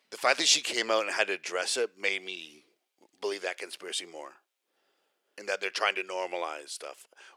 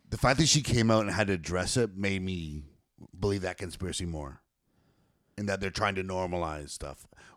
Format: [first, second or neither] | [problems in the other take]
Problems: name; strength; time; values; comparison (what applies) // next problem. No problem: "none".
second | thin; very; fading below 400 Hz